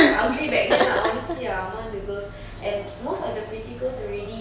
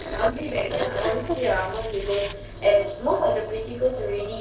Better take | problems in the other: first | noise reduction (neural separator model SepFormer DNS4)

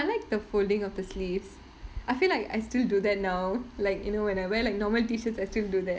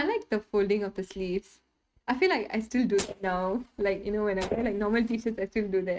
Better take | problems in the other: first | noise reduction (neural mask model RNNoise)

